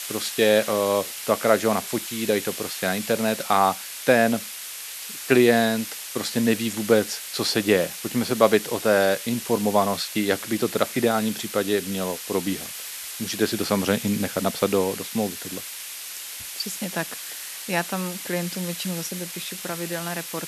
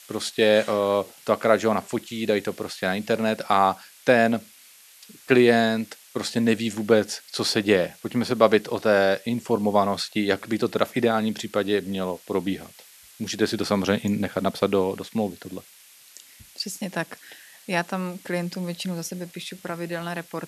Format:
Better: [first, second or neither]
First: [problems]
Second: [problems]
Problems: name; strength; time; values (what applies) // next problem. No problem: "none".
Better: second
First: hiss; loud; throughout; 8 dB below the speech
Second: hiss; faint; throughout; 25 dB below the speech